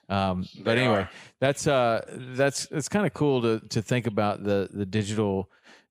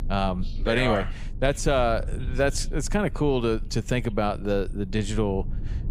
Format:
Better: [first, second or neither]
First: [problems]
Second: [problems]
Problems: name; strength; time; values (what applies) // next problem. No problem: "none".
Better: first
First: none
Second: low rumble; faint; throughout; 25 dB below the speech